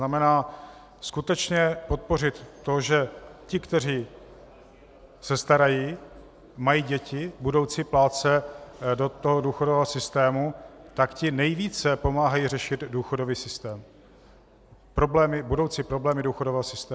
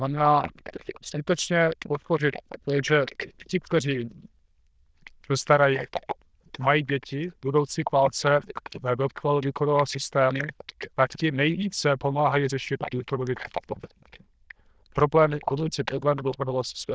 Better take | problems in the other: first | noise reduction (neural diffusion model UNIVERSE++)

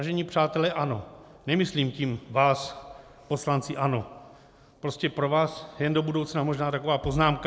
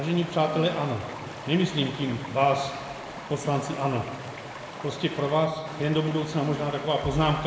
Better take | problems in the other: first | background sound (Stream); 12 dB below the speech // room echo; dies away in 1.9 s

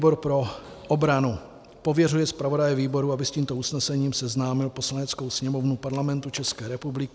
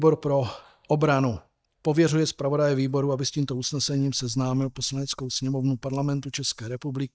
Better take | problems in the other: first | noise reduction (neural mask model DeepFilterNet 3)

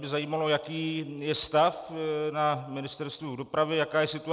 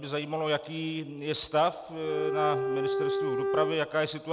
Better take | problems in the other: first | background sound (Bowed string instrument); 1 dB above the speech

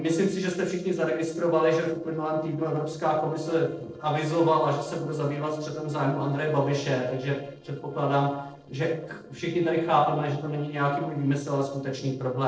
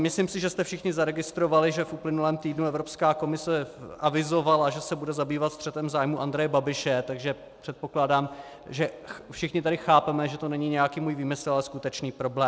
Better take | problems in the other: second | noise reduction (neural separator model SepFormer DNS4)

